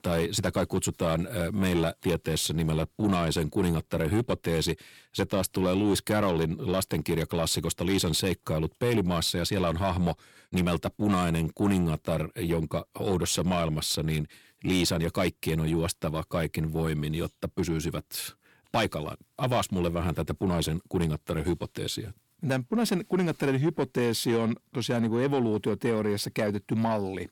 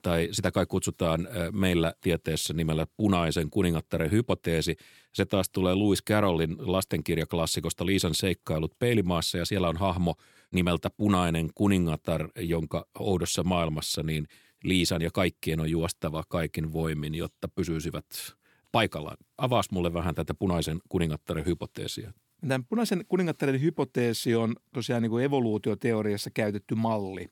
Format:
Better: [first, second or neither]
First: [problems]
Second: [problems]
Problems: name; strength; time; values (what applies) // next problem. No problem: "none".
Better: second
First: distortion; slight; 10 dB below the speech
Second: none